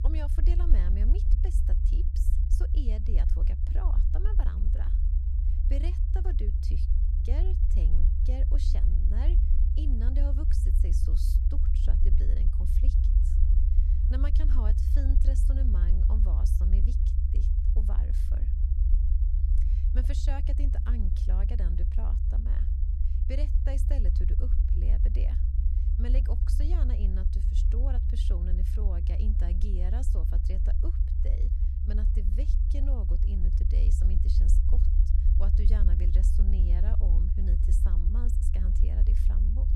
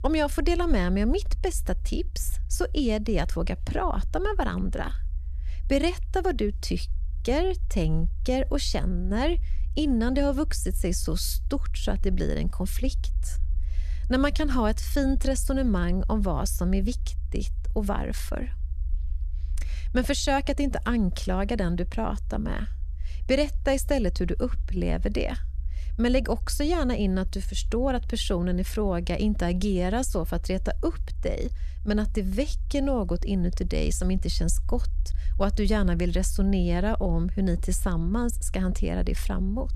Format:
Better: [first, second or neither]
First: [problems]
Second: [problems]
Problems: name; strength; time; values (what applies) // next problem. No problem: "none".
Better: second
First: low rumble; loud; throughout; 1 dB below the speech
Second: low rumble; faint; throughout; 25 dB below the speech